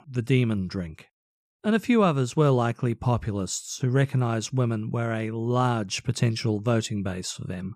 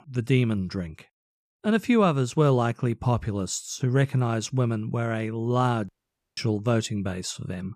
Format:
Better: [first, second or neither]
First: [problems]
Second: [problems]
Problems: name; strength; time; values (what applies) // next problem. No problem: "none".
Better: first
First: none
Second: audio cutting out; at 6 s